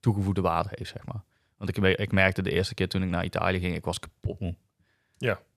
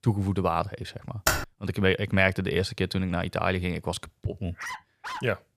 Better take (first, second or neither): first